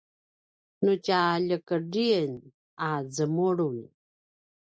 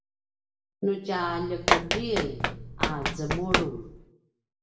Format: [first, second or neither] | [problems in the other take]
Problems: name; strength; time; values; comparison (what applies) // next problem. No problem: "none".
first | background sound (Run); 3 dB above the speech // room echo; dies away in 0.8 s